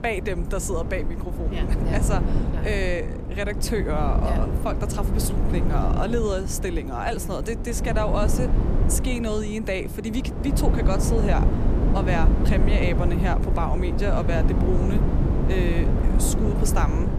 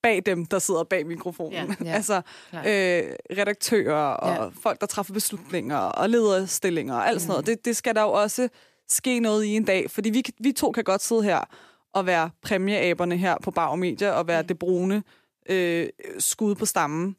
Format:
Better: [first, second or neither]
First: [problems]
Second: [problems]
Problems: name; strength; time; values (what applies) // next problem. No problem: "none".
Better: second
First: wind noise on the microphone; heavy; 4 dB below the speech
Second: none